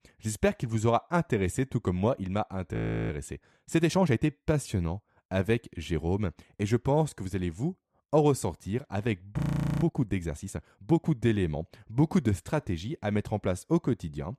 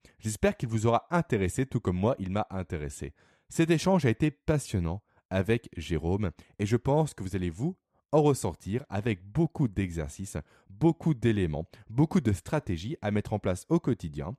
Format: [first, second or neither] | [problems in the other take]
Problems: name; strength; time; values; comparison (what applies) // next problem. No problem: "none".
second | audio freezing; at 2.5 s and at 9.5 s